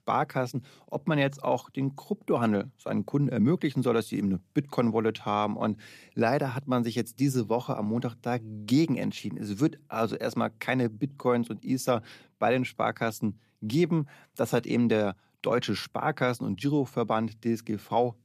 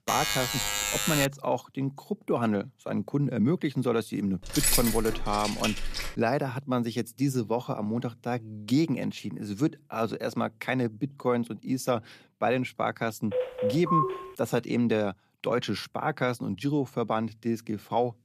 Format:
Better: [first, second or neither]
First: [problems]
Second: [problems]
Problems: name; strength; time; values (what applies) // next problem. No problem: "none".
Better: first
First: none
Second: alarm; loud; until 1.5 s; peak 3 dB above the speech // jangling keys; loud; from 4.5 to 6 s; peak 5 dB above the speech // phone ringing; loud; at 13 s; peak 3 dB above the speech